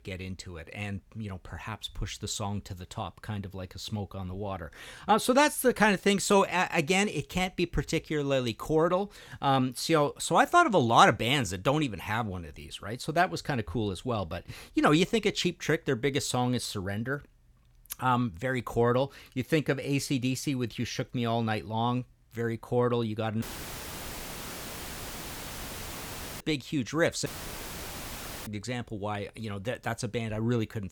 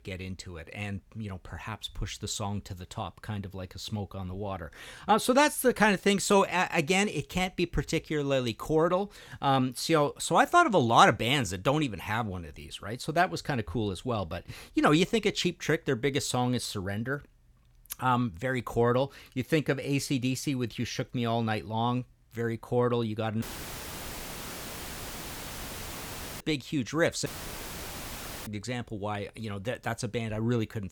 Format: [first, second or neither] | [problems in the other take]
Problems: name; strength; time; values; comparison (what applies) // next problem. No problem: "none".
neither | audio cutting out; filled with static; at 23 s for 3 s and at 27 s for 1 s; the same in both